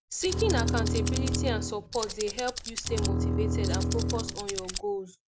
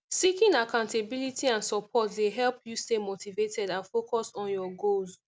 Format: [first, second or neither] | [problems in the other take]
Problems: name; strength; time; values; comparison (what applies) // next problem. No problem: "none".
second | background sound (Tools + Bowed string instrument); 4 dB above the speech